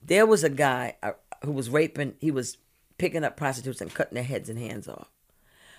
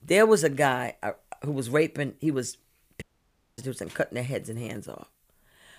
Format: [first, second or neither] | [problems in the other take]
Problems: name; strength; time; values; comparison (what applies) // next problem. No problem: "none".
first | audio cutting out; at 3 s for 0.5 s